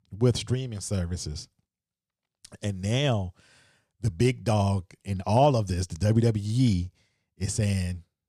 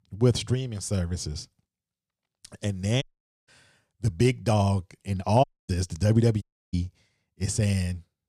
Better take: first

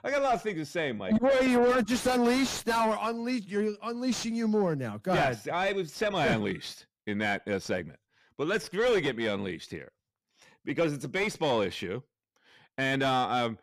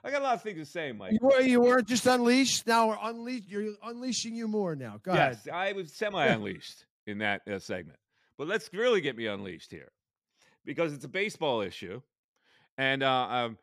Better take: second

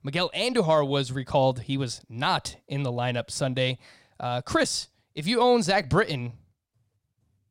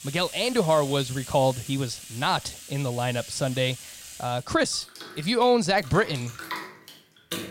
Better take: first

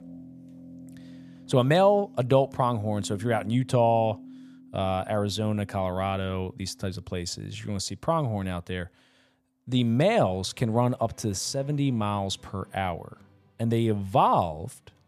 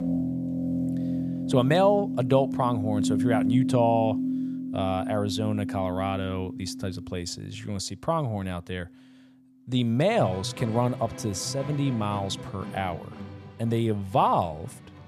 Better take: first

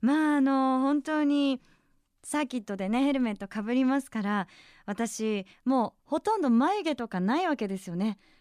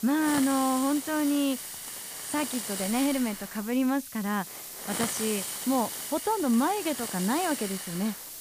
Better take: first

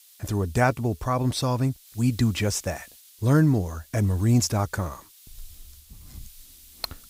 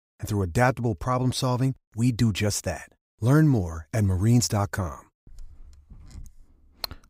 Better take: second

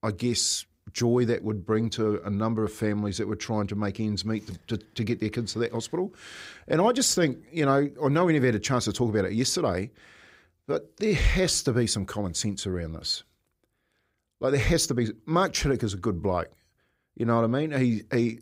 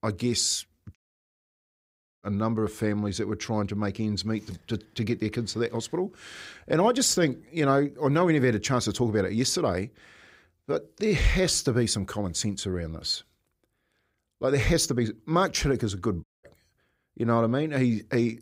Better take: first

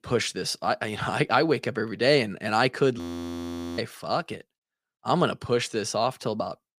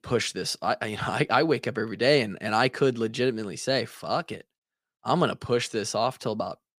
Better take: second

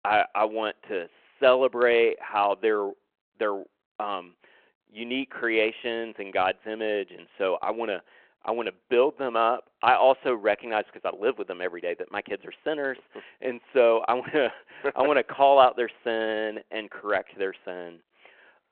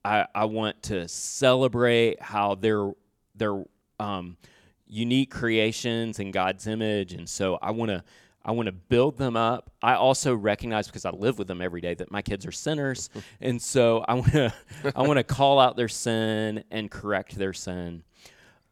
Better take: second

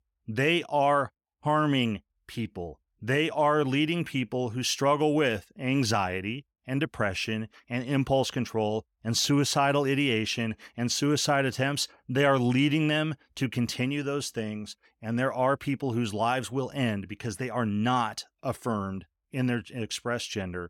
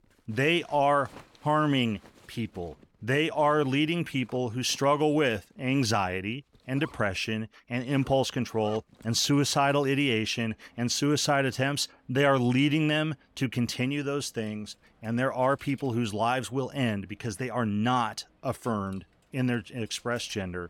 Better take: first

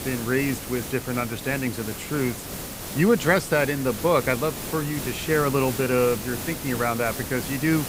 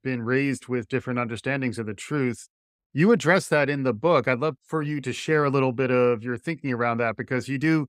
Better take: second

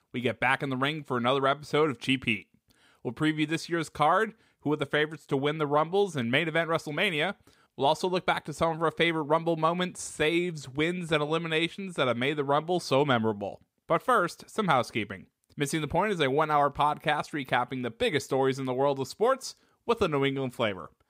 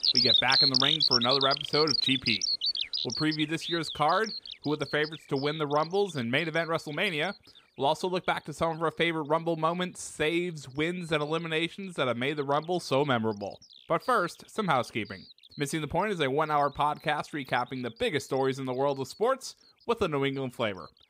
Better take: first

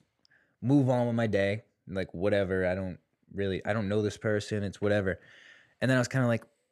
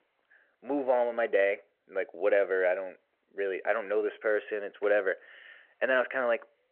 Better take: first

